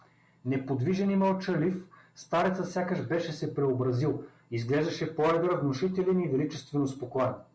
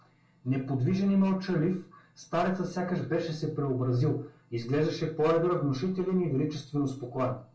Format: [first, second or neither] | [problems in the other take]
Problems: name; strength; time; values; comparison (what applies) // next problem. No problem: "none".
first | room echo; dies away in 0.2 s